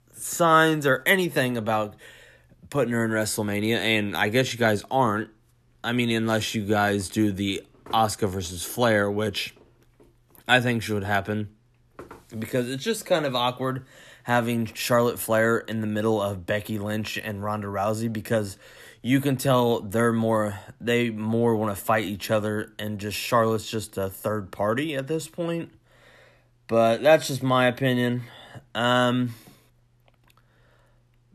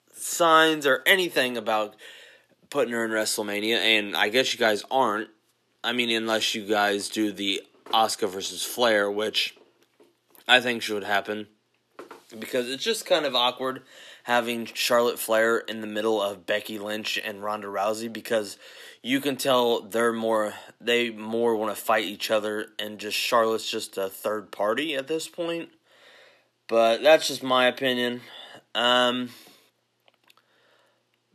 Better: first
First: none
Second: thin; very slightly; fading below 350 Hz

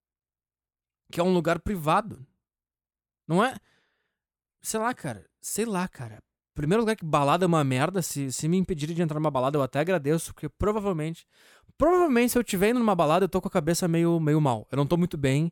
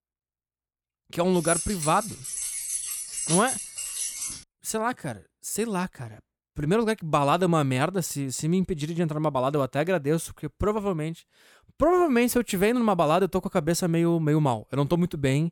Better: first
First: none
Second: jangling keys; noticeable; from 1.5 to 4.5 s; peak level with the speech

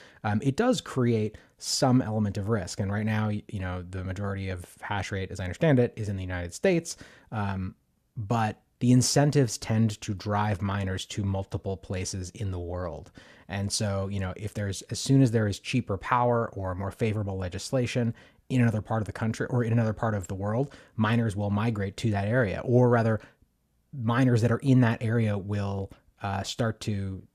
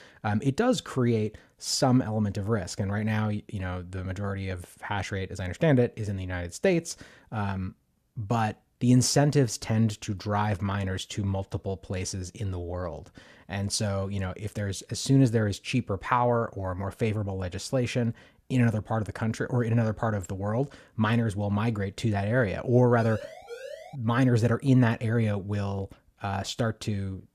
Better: first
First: none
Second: siren; faint; at 23 s; peak 15 dB below the speech

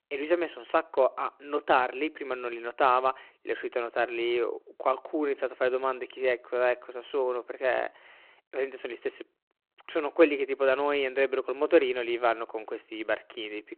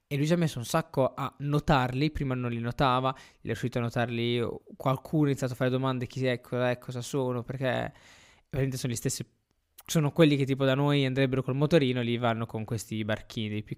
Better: second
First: phone-call audio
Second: none

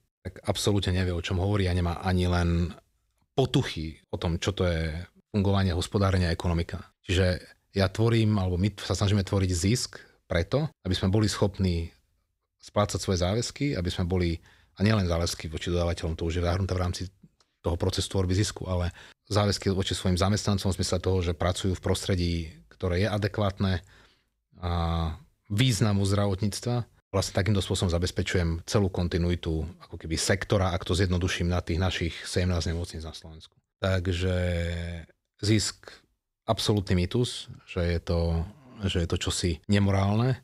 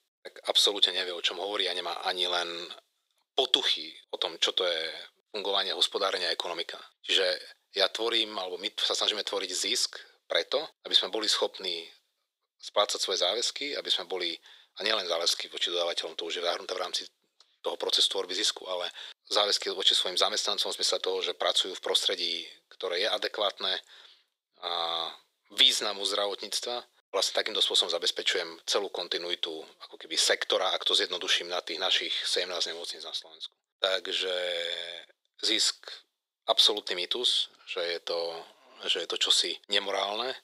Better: first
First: none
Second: thin; very; fading below 450 Hz

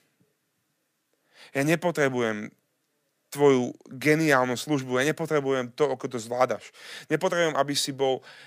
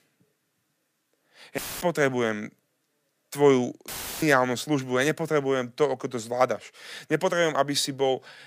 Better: first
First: none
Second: audio cutting out; filled with static; at 1.5 s and at 4 s

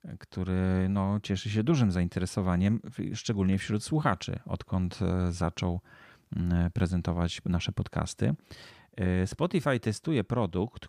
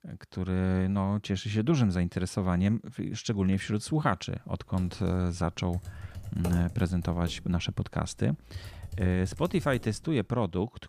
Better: first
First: none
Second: keyboard typing; noticeable; from 5 to 10 s; peak 8 dB below the speech

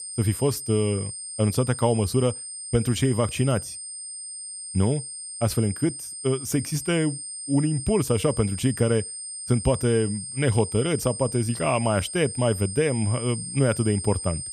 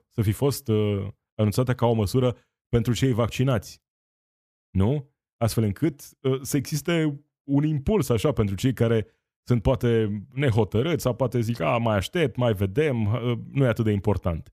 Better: second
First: high-pitched whine; loud; throughout; 8.5 kHz, 8 dB below the speech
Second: none

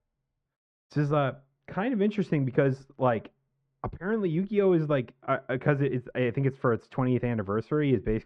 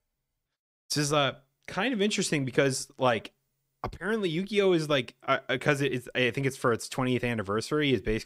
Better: second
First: muffled; very; fading above 1.5 kHz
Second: none

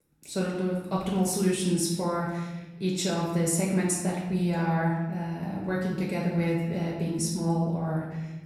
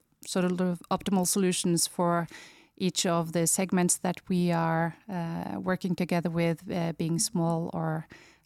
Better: second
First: off-mic speech; far // room echo; noticeable; dies away in 1.1 s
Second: none

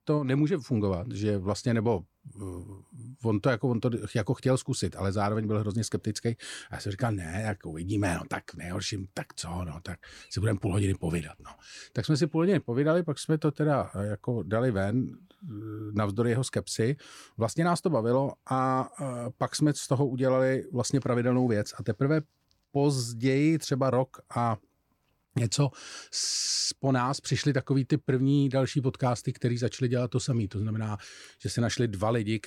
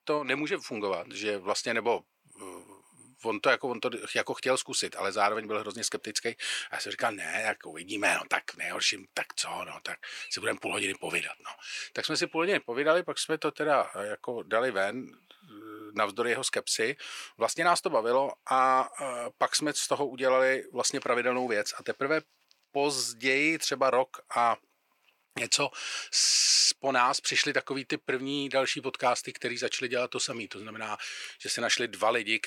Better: first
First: none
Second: thin; very; fading below 600 Hz

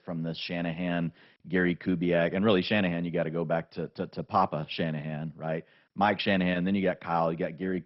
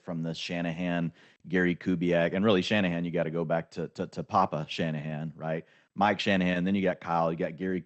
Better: second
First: garbled, watery; badly; nothing above 5.5 kHz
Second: garbled, watery; slightly

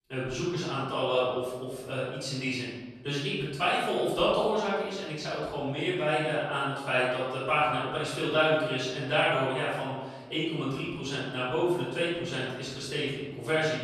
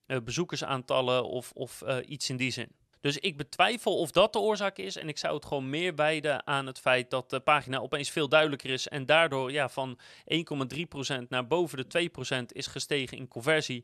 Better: second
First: off-mic speech; far // room echo; strong; dies away in 1.2 s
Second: none

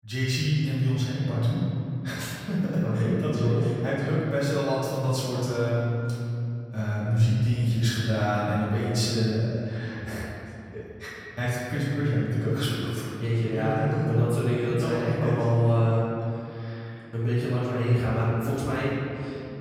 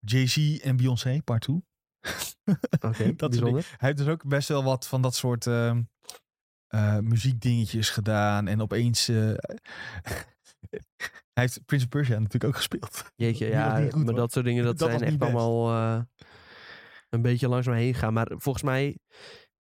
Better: second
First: room echo; strong; dies away in 2.7 s // off-mic speech; far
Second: none

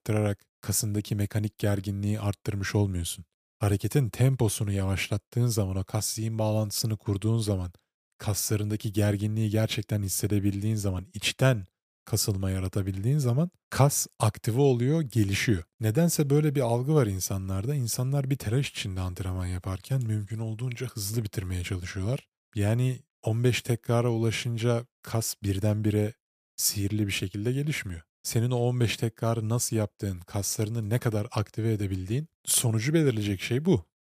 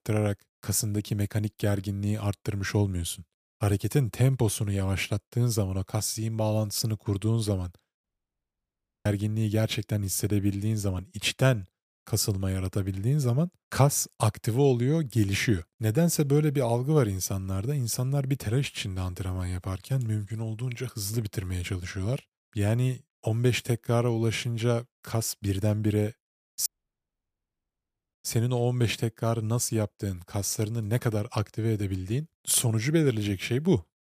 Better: first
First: none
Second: audio cutting out; at 8 s for 1 s and at 27 s for 1.5 s

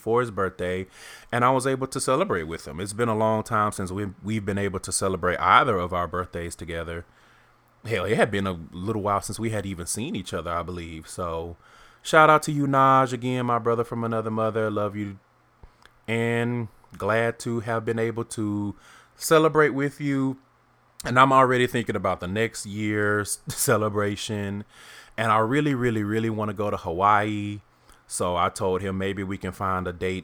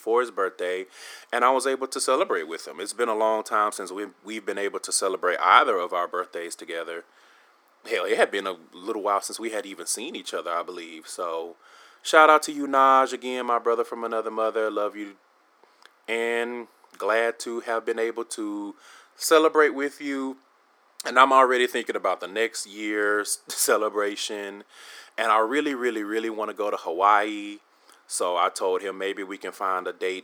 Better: first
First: none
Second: thin; somewhat; fading below 300 Hz

